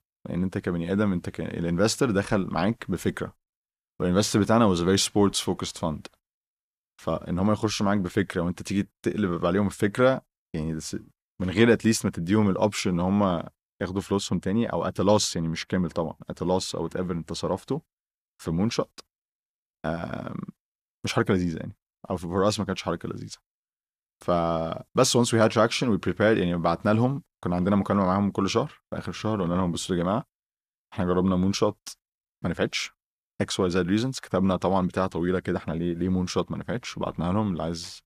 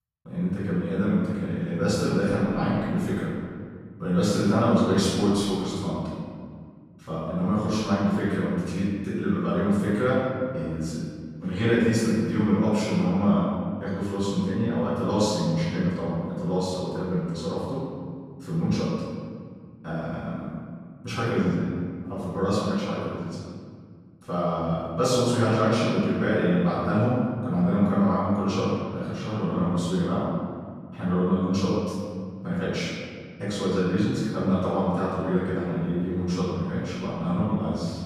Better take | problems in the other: first | room echo; strong; dies away in 2 s // off-mic speech; far

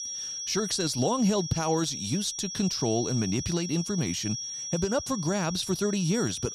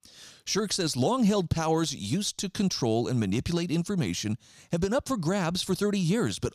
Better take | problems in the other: second | high-pitched whine; loud; throughout; 5.5 kHz, 6 dB below the speech

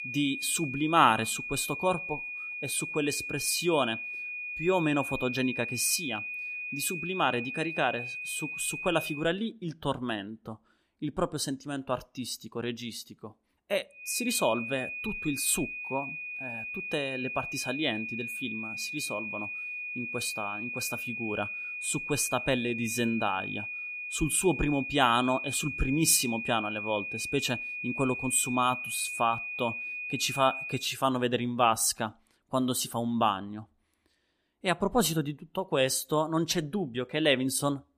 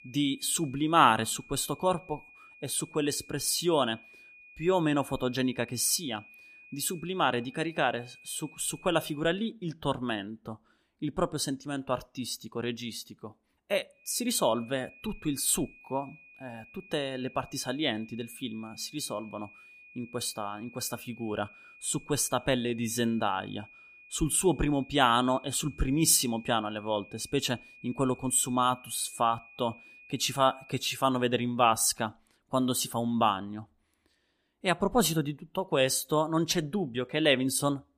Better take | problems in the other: second | high-pitched whine; loud; until 9 s and from 14 to 31 s; 2.5 kHz, 5 dB below the speech; faint in the second

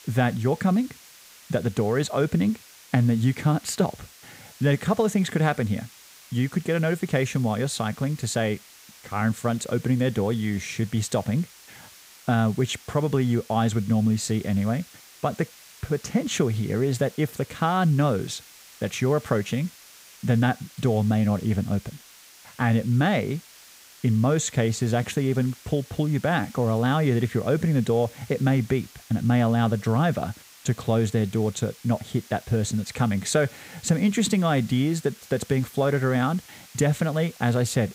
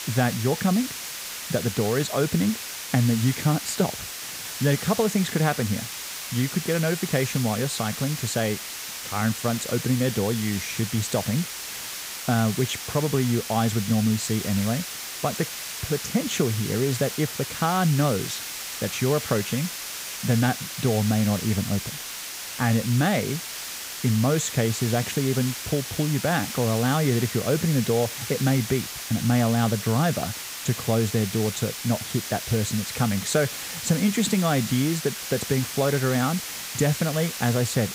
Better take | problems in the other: first | hiss; loud; throughout; 6 dB below the speech; faint in the first

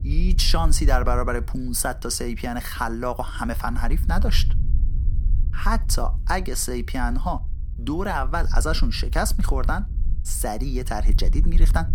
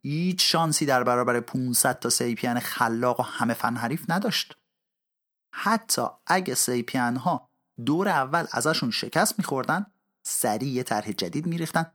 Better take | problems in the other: second | low rumble; noticeable; throughout; 20 dB below the speech

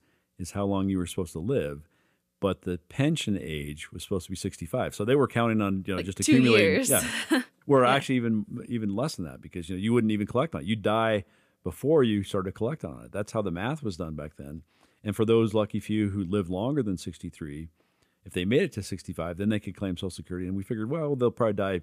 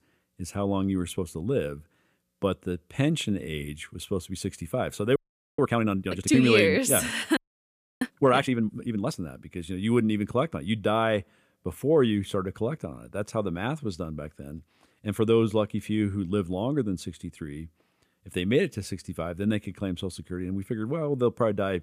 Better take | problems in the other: first | audio freezing; at 5 s and at 7.5 s for 0.5 s

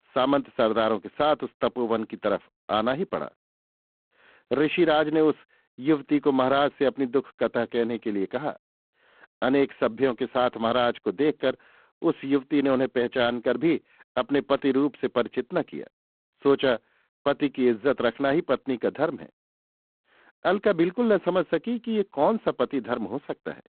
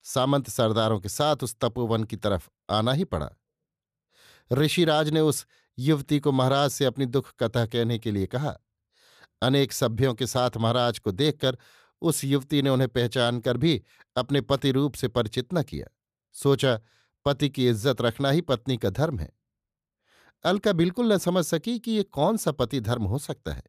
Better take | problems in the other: second | phone-call audio; poor line

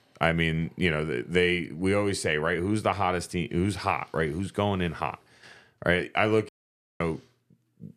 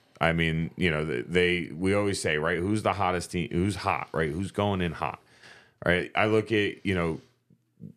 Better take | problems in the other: second | audio cutting out; at 6.5 s for 0.5 s

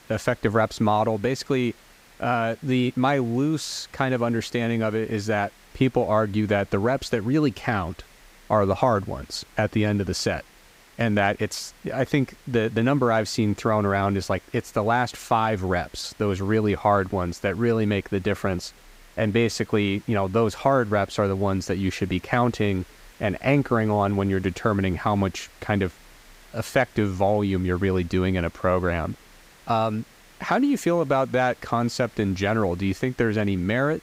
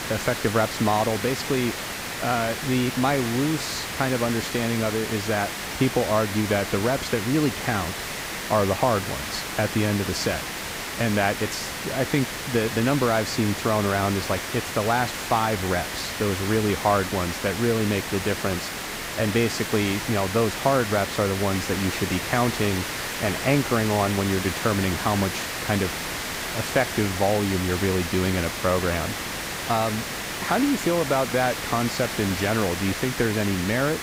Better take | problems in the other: first | hiss; loud; throughout; 4 dB below the speech; faint in the first

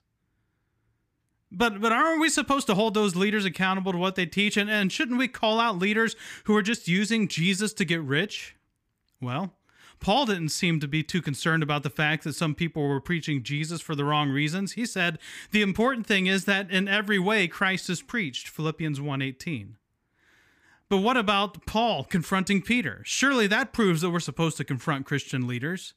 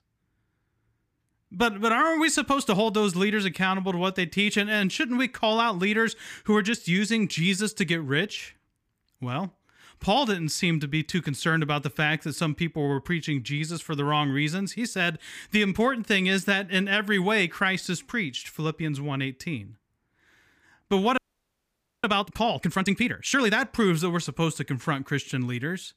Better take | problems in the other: first | audio freezing; at 21 s for 1 s

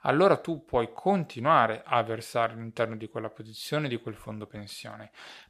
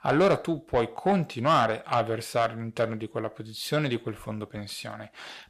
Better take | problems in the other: first | distortion; slight; 10 dB below the speech

